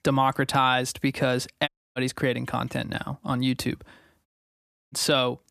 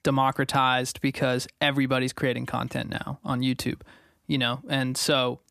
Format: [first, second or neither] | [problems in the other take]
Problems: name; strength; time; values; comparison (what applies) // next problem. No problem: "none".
second | audio cutting out; at 1.5 s and at 4.5 s for 0.5 s